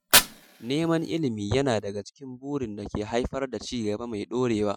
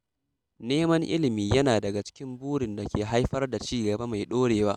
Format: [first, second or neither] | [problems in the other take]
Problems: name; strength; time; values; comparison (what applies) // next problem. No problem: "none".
second | noise reduction (classical method Wiener filter)